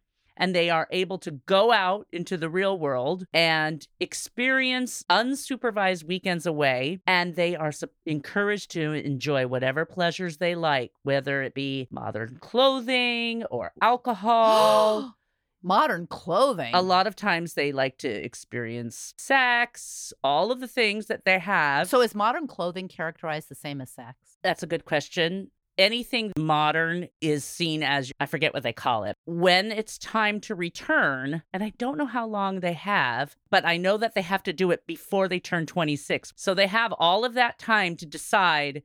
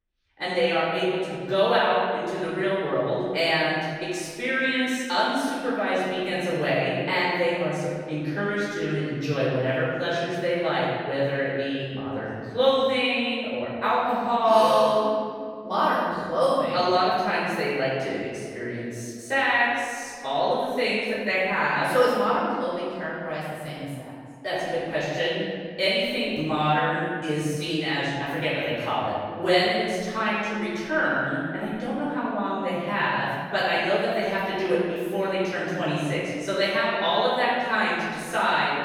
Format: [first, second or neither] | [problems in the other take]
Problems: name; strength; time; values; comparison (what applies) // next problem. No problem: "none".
first | room echo; strong; dies away in 1.9 s // off-mic speech; far